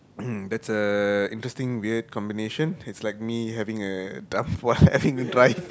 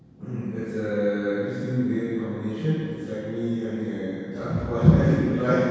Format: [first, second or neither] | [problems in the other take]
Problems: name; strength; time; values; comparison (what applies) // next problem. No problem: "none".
first | room echo; dies away in 2 s